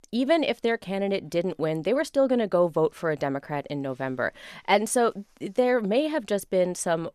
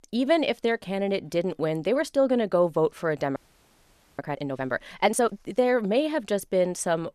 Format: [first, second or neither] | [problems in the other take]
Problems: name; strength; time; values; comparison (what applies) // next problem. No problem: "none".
first | audio freezing; at 3.5 s for 1 s